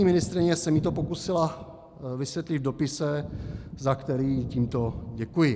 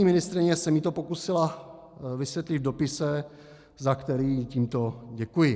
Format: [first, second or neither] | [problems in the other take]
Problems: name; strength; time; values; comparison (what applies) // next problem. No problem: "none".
second | background sound (Thunder); 11 dB below the speech